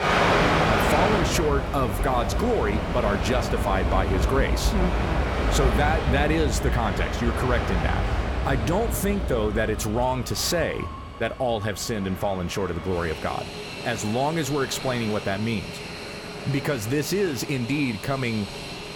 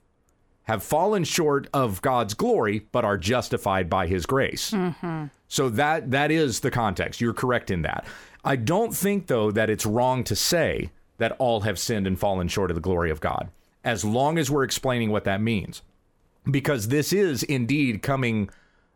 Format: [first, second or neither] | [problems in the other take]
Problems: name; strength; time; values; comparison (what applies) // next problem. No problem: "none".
second | train or aircraft noise; loud; throughout; 1 dB below the speech